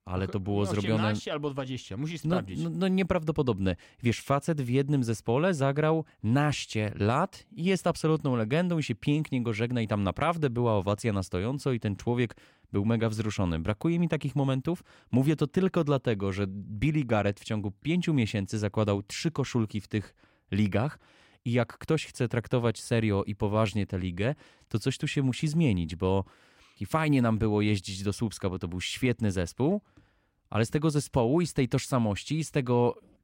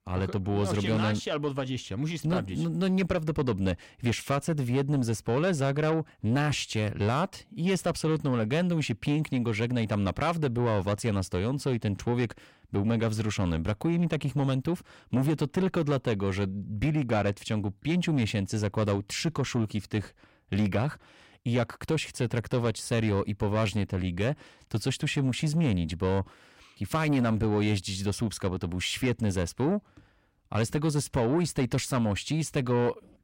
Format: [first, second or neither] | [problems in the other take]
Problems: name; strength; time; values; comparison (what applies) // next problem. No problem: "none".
first | distortion; slight; 10 dB below the speech